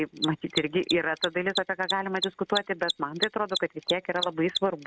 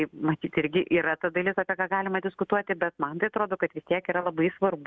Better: second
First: background sound (Mechanisms); 6 dB below the speech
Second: none

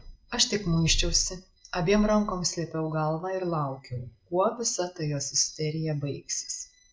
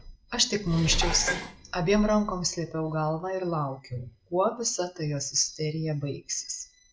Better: first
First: none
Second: background sound (Dishes, pots, and pans); 9 dB below the speech

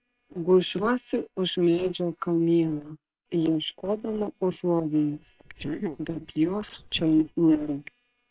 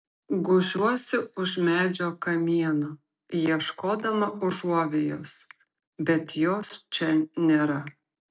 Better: second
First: noise reduction (neural separator model SepFormer WHAM!)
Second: none

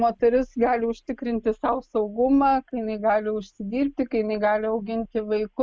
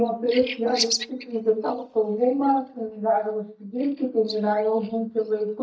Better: first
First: none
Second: noise reduction (neural mask model DeepFilterNet 3)

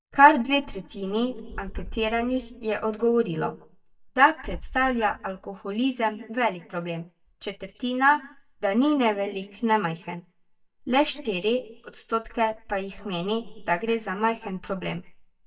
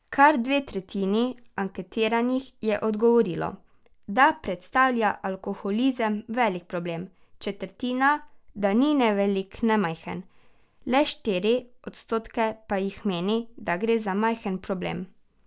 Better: second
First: noise reduction (neural mask model DeepFilterNet 3)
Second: none

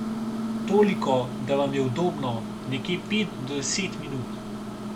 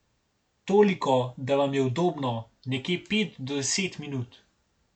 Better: second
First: background sound (Microwave oven); 5 dB below the speech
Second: none

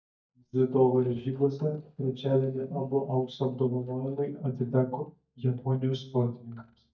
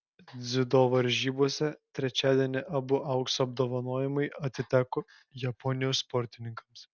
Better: second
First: noise reduction (neural mask model DeepFilterNet 3)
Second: none

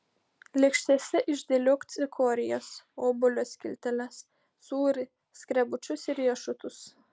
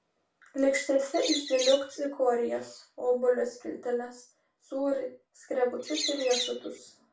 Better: first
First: none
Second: background sound (Bird); 5 dB below the speech // room echo; dies away in 0.3 s

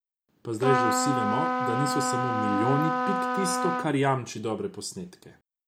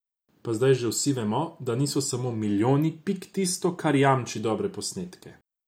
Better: second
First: background sound (Trumpet); 3 dB above the speech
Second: none

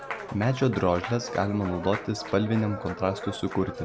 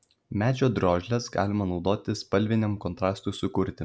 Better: second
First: background sound (Applause); 10 dB below the speech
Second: none

